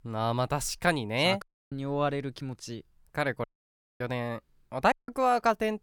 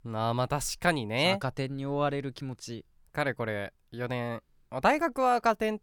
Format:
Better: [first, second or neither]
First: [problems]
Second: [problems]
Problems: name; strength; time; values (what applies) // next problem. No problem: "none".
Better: second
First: audio cutting out; at 1.5 s, at 3.5 s for 0.5 s and at 5 s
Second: none